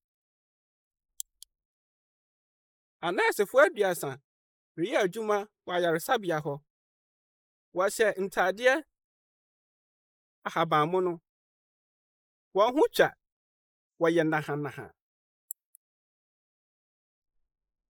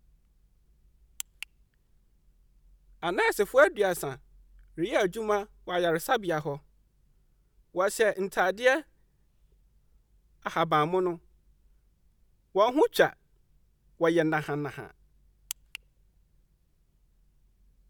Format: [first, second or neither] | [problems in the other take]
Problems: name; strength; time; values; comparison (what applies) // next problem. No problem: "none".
second | noise reduction (neural mask model Resemble Enhance denoiser)